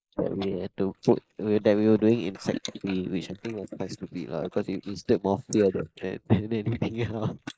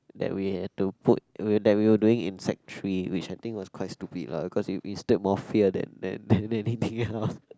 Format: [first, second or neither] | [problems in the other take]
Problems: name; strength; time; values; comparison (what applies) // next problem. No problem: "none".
second | noise reduction (neural mask model Resemble Enhance denoiser)